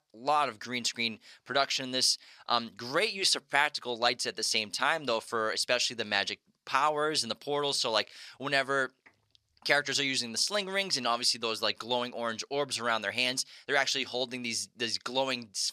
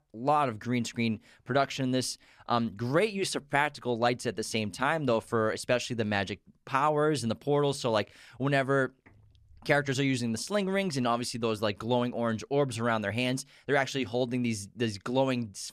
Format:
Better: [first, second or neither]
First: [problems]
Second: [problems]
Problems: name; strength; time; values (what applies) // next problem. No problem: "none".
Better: second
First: thin; somewhat; fading below 950 Hz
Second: none